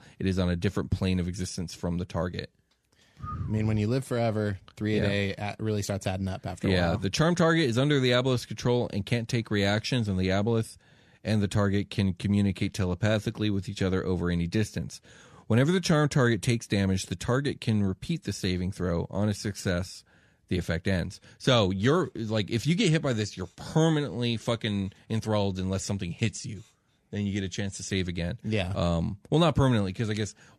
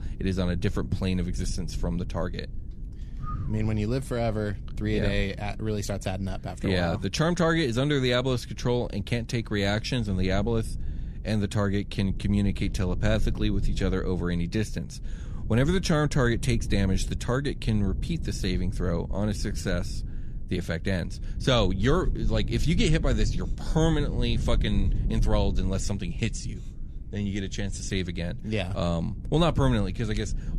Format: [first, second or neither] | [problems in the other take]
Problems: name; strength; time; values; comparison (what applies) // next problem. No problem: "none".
first | low rumble; noticeable; throughout; 20 dB below the speech